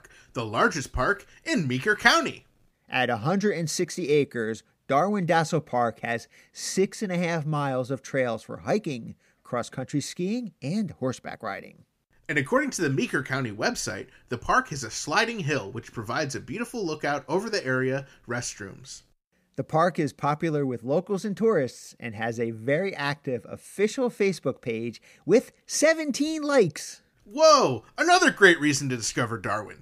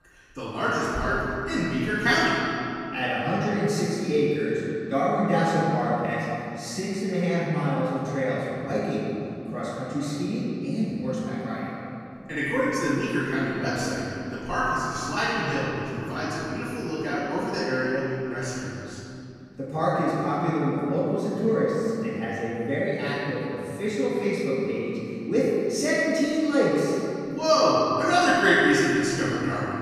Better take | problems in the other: first | off-mic speech; far // room echo; strong; dies away in 2.8 s

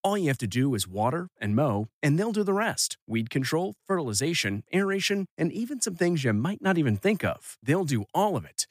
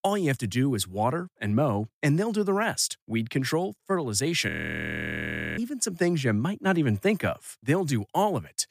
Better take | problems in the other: first | audio freezing; at 4.5 s for 1 s

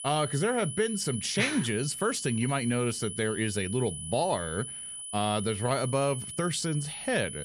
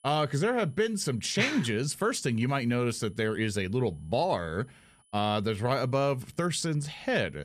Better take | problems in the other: second | high-pitched whine; loud; throughout; 10 kHz, 7 dB below the speech; faint in the second

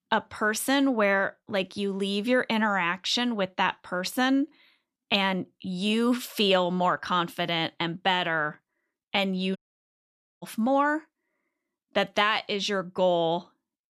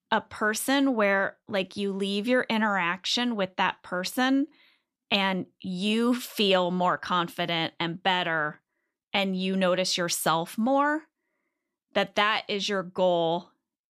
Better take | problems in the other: second | audio cutting out; at 9.5 s for 1 s

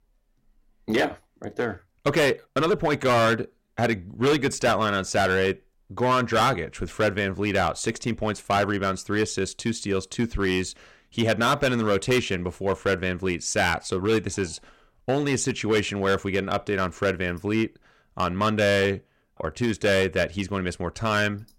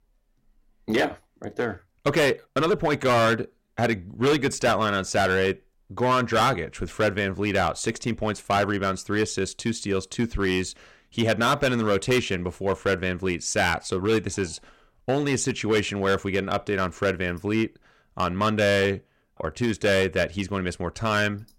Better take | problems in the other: neither | distortion; heavy; 7% of the sound clipped; the same in both

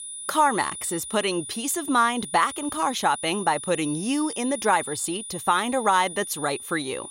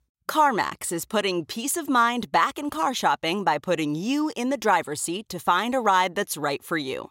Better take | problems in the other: second | high-pitched whine; loud; throughout; 9.5 kHz, 9 dB below the speech

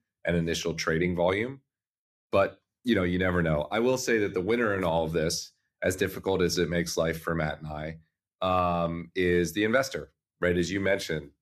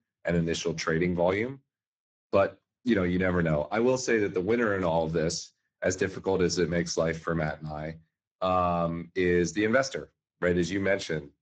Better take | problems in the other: first | garbled, watery; badly; nothing above 7.5 kHz

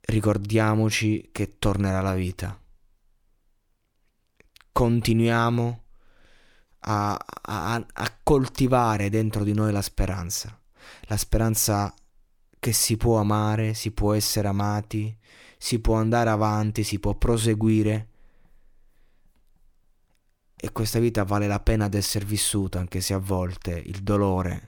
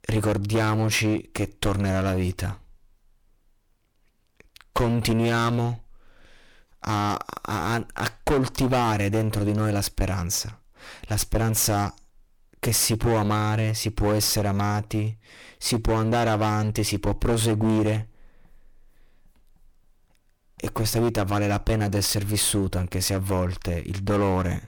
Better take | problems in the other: first | distortion; heavy; 13% of the sound clipped

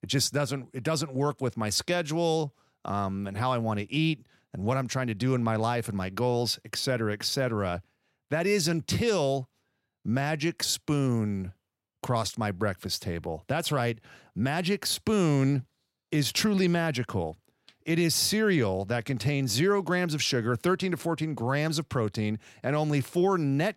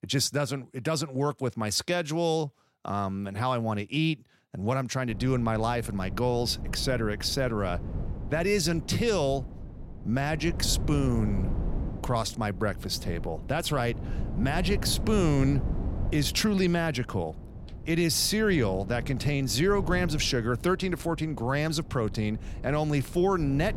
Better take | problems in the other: first | wind noise on the microphone; occasional gusts; from 5 s on; 15 dB below the speech

